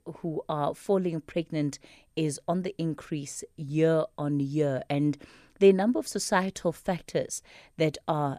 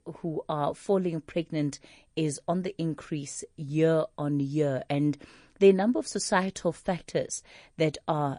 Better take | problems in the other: first | garbled, watery; slightly; nothing above 10.5 kHz

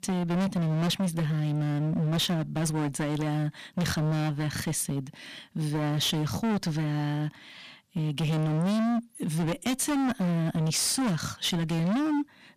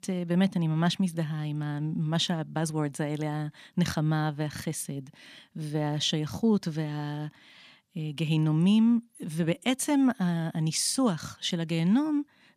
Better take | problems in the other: second | distortion; heavy; 30% of the sound clipped

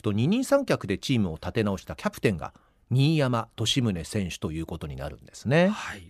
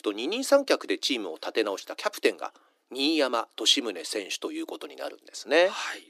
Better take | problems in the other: first | thin; somewhat; fading below 300 Hz

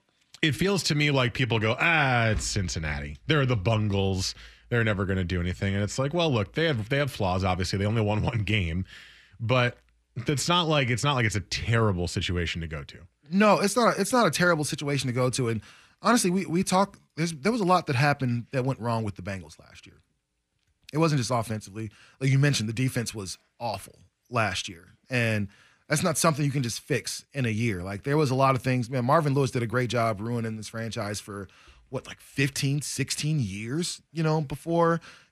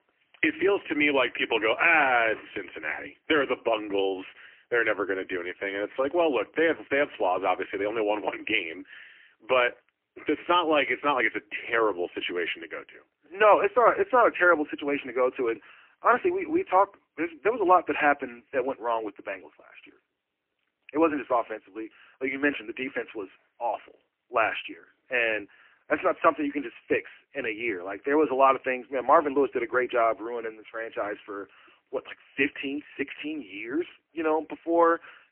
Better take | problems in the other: first | phone-call audio; poor line; nothing above 3 kHz

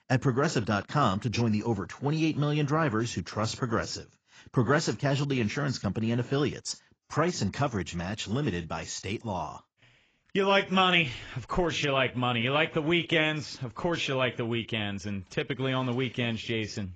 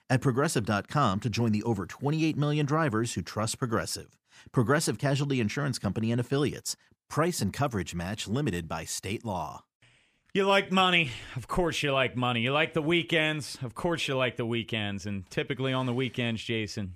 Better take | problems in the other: second | garbled, watery; badly; nothing above 7.5 kHz

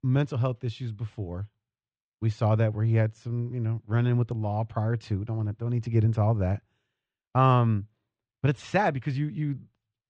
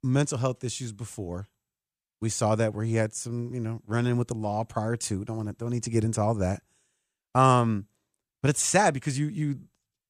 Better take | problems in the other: second | muffled; very; fading above 4 kHz

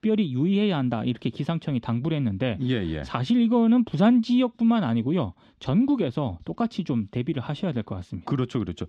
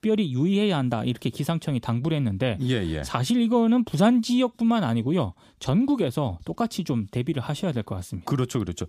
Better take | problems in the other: second | muffled; very slightly; fading above 3 kHz

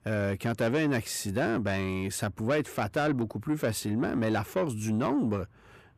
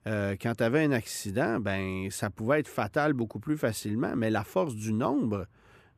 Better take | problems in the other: second | distortion; slight; 10 dB below the speech

